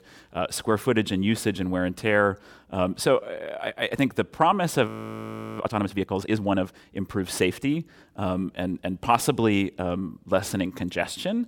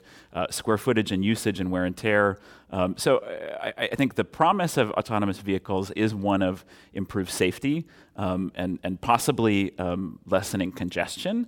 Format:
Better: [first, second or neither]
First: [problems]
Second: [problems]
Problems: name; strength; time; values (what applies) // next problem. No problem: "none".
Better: second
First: audio freezing; at 5 s for 0.5 s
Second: none